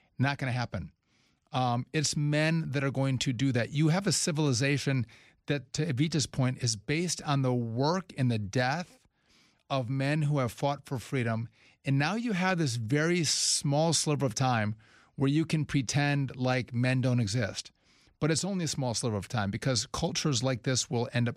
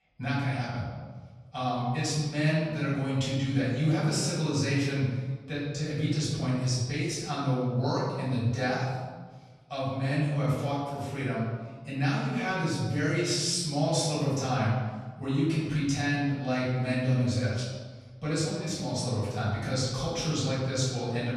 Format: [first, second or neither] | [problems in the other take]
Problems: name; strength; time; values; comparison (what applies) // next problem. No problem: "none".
first | room echo; strong; dies away in 1.2 s // off-mic speech; far